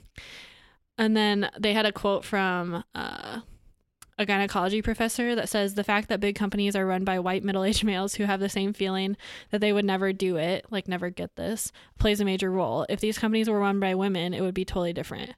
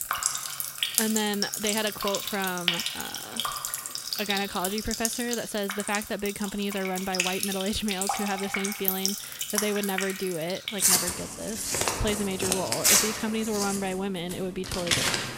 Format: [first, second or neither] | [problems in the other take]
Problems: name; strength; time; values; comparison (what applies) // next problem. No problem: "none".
first | household noises; very loud; throughout; 3 dB above the speech